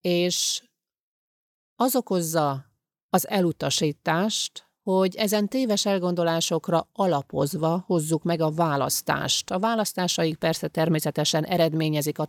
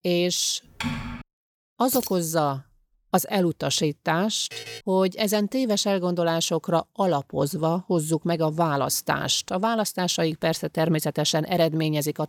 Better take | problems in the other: first | keyboard typing; noticeable; at 1 s; peak 6 dB below the speech // jangling keys; noticeable; at 2 s; peak 7 dB below the speech // alarm; faint; at 4.5 s; peak 10 dB below the speech

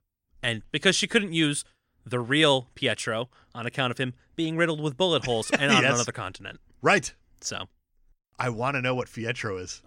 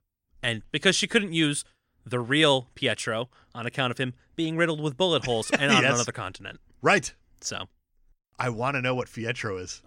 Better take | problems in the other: neither | none

